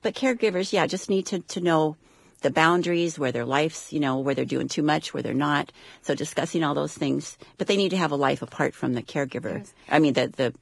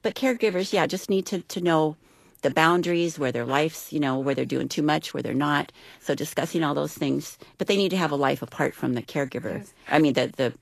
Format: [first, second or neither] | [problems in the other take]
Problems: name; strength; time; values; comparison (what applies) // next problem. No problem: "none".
second | garbled, watery; badly; nothing above 11.5 kHz; slightly in the second